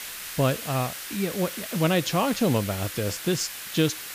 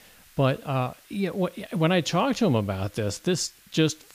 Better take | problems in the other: second | hiss; loud; throughout; 8 dB below the speech; faint in the second

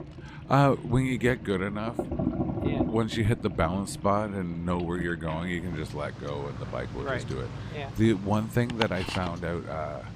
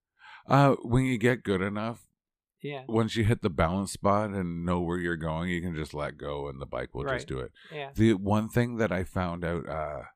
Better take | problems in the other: second | household noises; loud; throughout; 7 dB below the speech

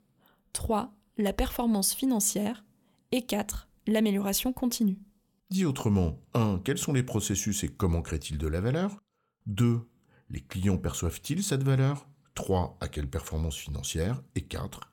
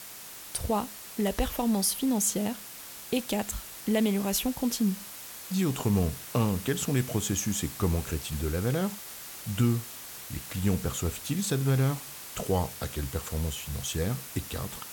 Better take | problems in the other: first | hiss; noticeable; throughout; 10 dB below the speech

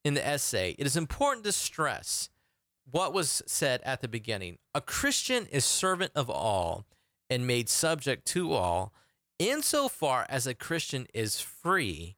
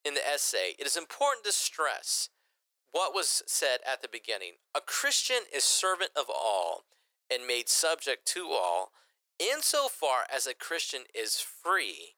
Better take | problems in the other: first | thin; very; fading below 450 Hz

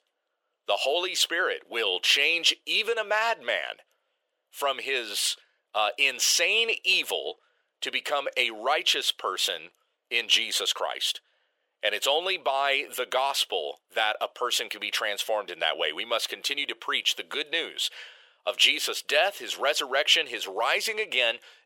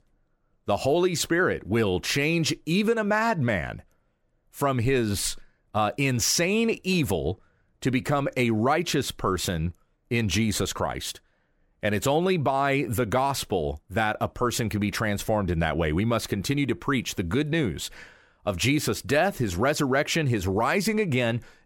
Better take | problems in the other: second | thin; very; fading below 500 Hz

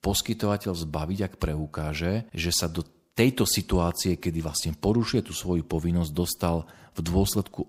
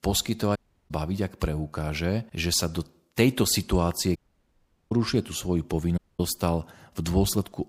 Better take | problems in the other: first | audio cutting out; at 0.5 s, at 4 s for 1 s and at 6 s

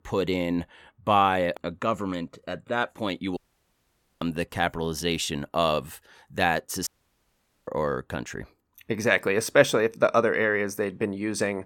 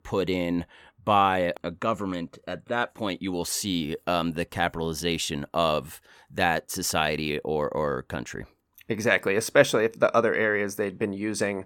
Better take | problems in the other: second | audio cutting out; at 3.5 s for 1 s and at 7 s for 1 s

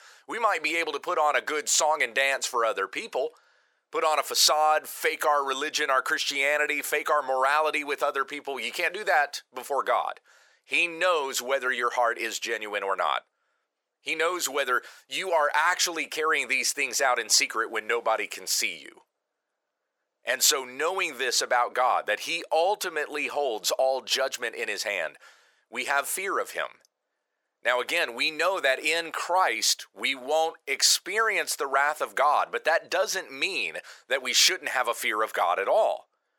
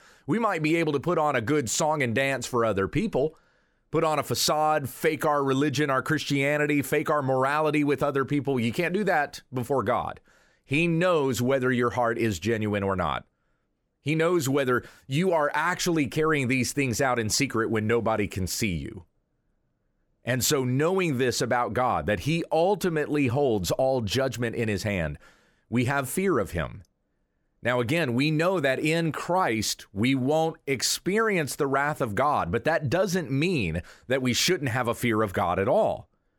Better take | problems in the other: second | thin; very; fading below 600 Hz

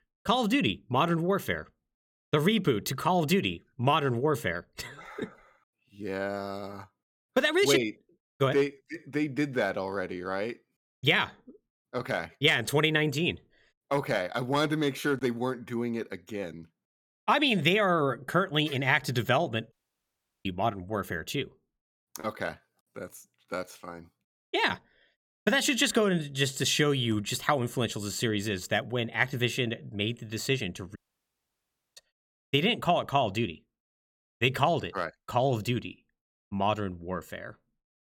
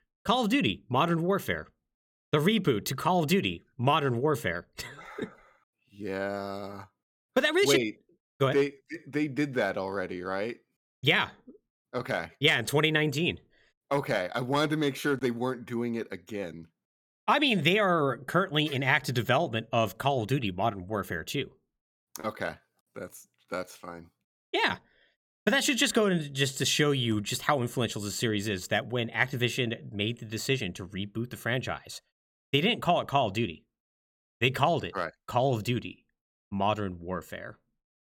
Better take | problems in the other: second | audio cutting out; at 20 s for 0.5 s and at 31 s for 1 s

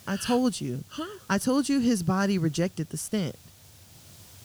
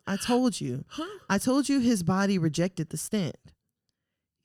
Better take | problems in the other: second | hiss; faint; throughout; 25 dB below the speech

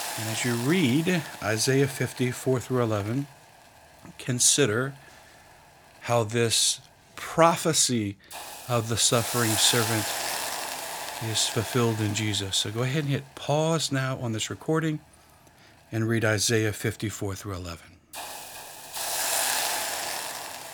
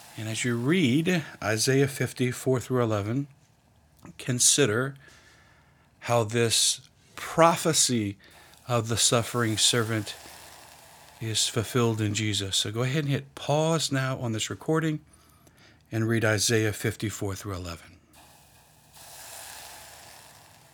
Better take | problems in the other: second | hiss; loud; throughout; 6 dB below the speech; faint in the second

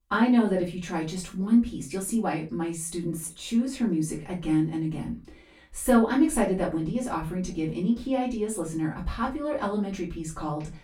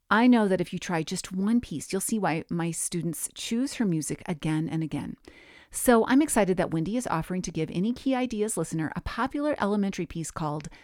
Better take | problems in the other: second | room echo; slight; dies away in 0.3 s // off-mic speech; far

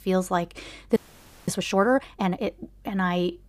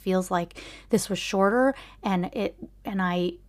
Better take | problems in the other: second | audio freezing; at 1 s for 0.5 s

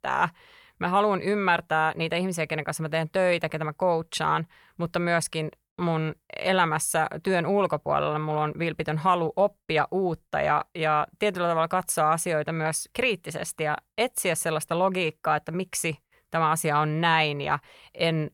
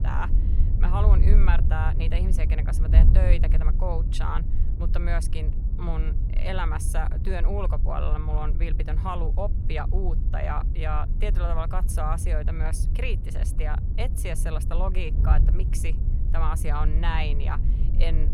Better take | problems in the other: first | wind noise on the microphone; heavy; 9 dB below the speech

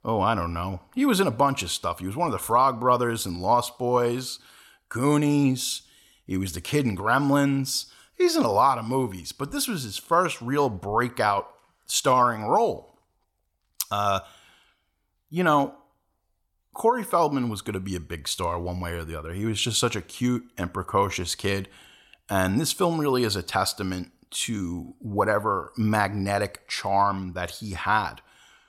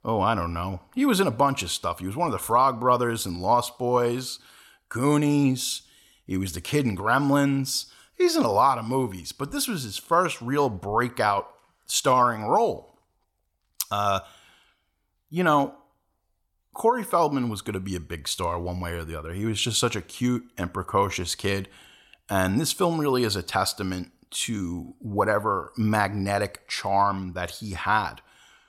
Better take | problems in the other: neither | none

